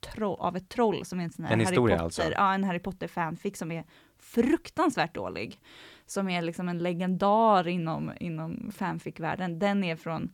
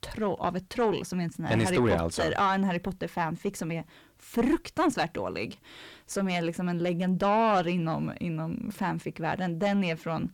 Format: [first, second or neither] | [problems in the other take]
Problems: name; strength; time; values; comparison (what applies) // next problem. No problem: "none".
first | distortion; slight; 9 dB below the speech